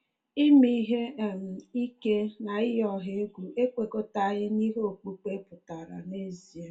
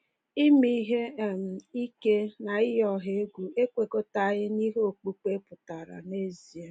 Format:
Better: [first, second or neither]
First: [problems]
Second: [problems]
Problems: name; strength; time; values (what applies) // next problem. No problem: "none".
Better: second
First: room echo; dies away in 0.2 s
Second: none